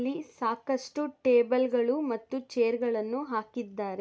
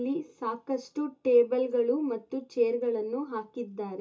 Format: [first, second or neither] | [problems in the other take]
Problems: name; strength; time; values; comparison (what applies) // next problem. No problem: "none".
first | room echo; dies away in 0.2 s